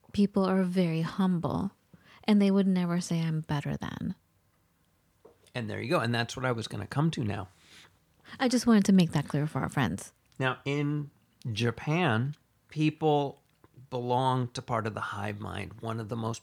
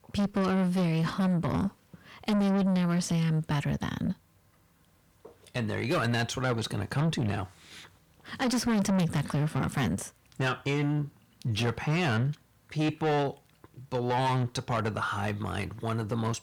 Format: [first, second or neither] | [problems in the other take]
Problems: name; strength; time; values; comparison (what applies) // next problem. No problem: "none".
first | distortion; heavy; 7 dB below the speech